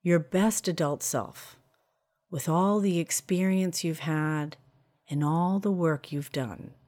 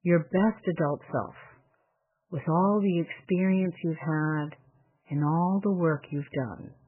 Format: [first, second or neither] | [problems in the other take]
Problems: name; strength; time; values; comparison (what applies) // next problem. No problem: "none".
first | garbled, watery; badly; nothing above 3 kHz